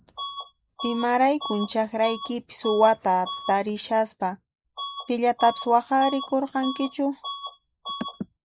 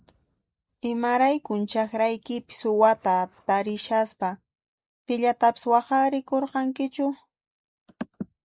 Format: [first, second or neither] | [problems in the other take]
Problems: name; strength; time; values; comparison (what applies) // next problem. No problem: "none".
second | background sound (Bus / Alarm); 12 dB below the speech